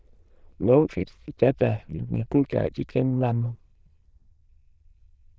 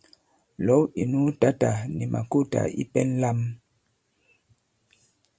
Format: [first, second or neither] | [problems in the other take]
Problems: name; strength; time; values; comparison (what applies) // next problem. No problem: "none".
second | noise reduction (neural diffusion model UNIVERSE++)